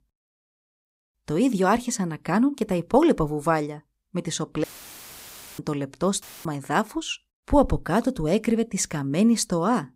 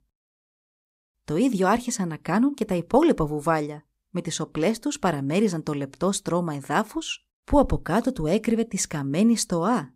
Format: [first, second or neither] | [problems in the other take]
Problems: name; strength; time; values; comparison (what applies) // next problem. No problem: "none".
second | audio cutting out; filled with static; at 4.5 s for 1 s and at 6 s